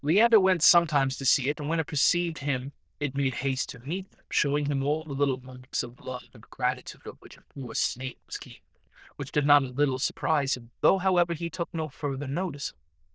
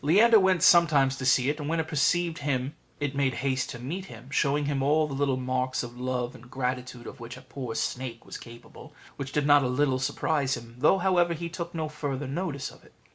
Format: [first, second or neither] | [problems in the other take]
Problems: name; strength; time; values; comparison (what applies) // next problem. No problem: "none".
second | noise reduction (neural diffusion model UNIVERSE++)